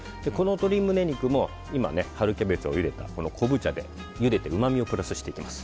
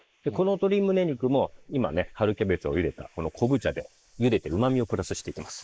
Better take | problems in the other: first | noise reduction (neural mask model Resemble Enhance denoiser)

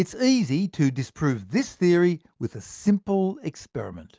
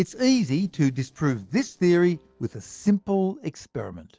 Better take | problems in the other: first | noise reduction (neural separator model SepFormer DNS4)

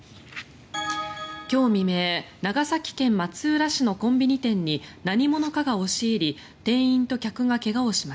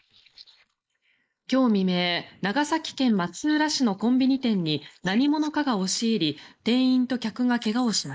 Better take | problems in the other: first | noise reduction (neural mask model Resemble Enhance denoiser)

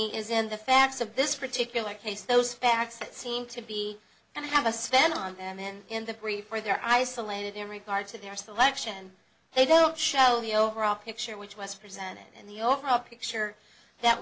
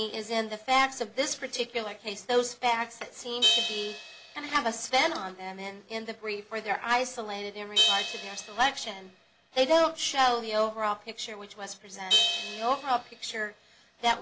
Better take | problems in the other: first | background sound (Crash cymbal); 5 dB below the speech

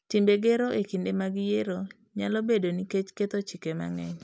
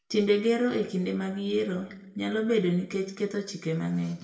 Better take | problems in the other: first | room echo; dies away in 0.6 s

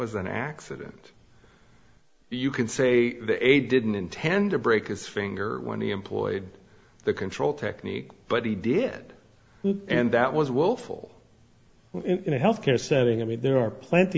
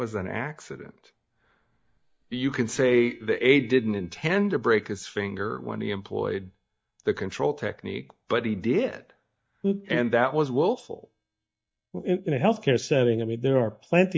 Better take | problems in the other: first | noise reduction (neural mask model DeepFilterNet 3)

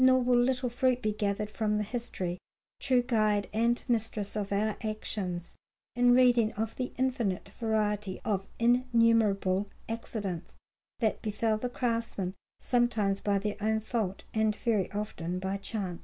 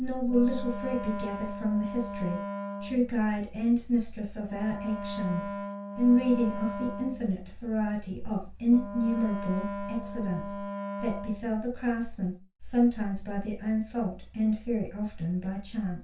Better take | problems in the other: first | background sound (Wind instrument, woodwind instrument); 8 dB below the speech // room echo; dies away in 0.3 s

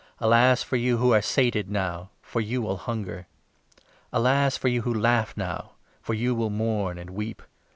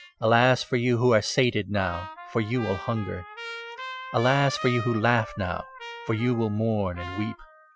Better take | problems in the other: first | noise reduction (classical method Wiener filter)

